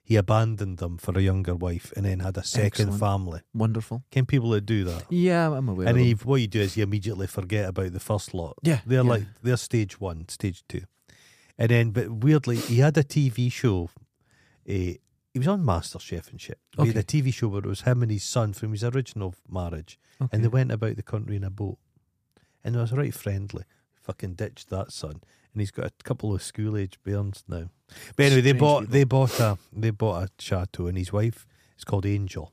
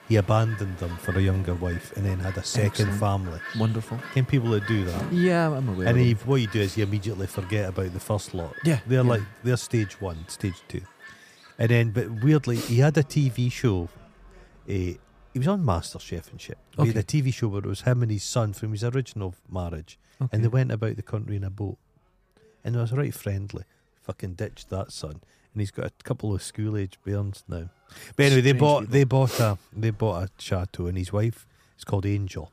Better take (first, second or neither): first